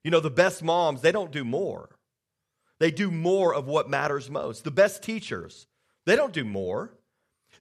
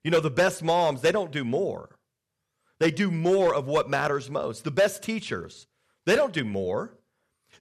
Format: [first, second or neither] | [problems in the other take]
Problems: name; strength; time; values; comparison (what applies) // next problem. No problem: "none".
first | distortion; slight; 3% of the sound clipped